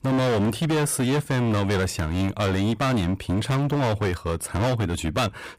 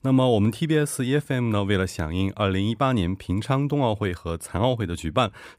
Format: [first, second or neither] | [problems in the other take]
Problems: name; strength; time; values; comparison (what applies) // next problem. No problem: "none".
second | distortion; heavy; 29% of the sound clipped